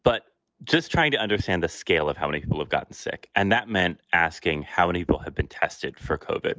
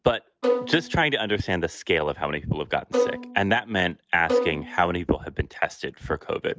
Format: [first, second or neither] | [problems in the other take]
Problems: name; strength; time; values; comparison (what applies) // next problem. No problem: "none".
first | background sound (Bowed string instrument); 2 dB below the speech